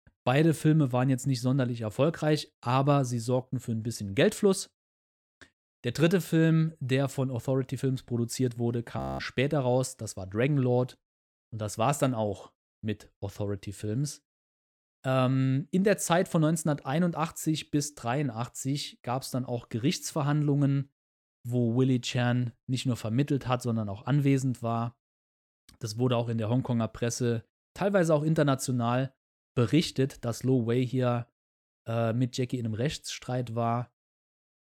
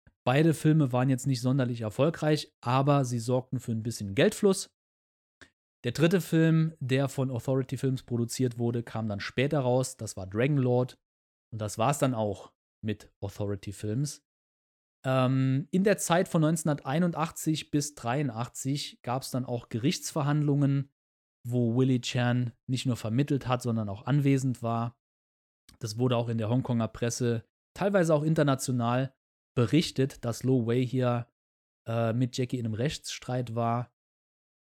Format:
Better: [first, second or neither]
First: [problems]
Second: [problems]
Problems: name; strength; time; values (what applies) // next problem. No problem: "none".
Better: second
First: audio freezing; at 9 s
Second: none